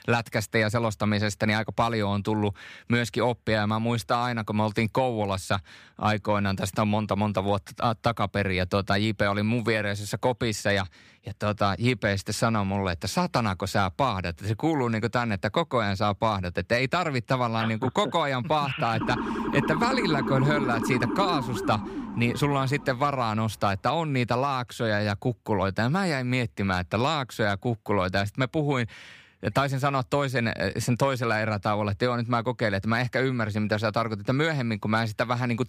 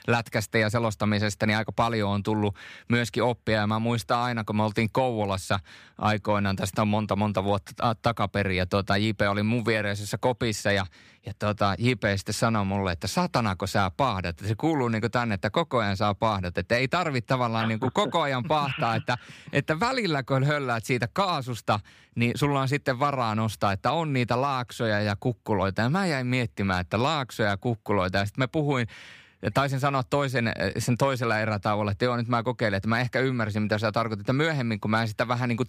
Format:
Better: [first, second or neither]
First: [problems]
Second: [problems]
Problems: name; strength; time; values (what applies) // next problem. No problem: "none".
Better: second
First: siren; noticeable; from 19 to 23 s; peak 2 dB below the speech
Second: none